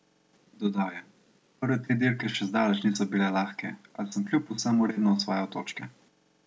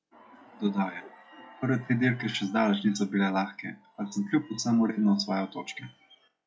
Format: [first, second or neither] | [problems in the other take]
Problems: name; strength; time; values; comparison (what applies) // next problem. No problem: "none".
first | noise reduction (classical method log-MMSE)